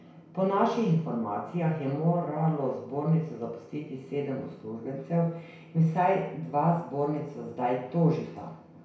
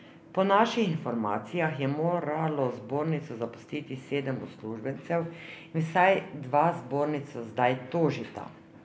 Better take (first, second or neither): second